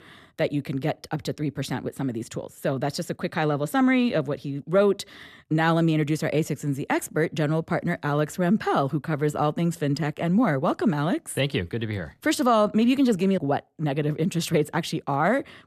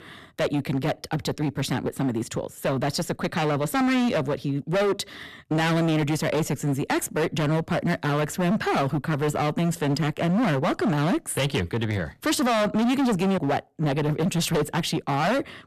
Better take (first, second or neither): first